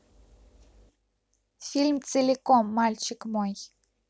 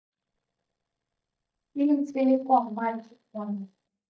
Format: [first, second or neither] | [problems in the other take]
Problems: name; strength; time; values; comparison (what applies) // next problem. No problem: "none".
first | noise reduction (neural mask model DeepFilterNet 3)